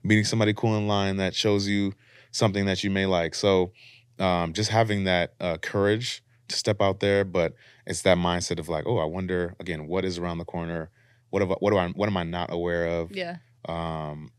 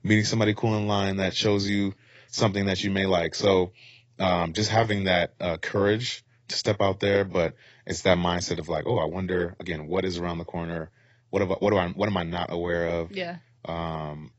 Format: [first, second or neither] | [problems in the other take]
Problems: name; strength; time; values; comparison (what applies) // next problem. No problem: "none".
first | garbled, watery; badly; nothing above 7.5 kHz